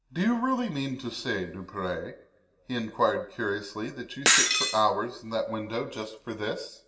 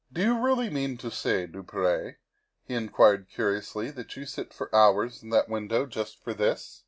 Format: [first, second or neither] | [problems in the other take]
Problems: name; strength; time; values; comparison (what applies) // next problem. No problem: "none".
second | background sound (Shatter); 3 dB above the speech // room echo; dies away in 0.8 s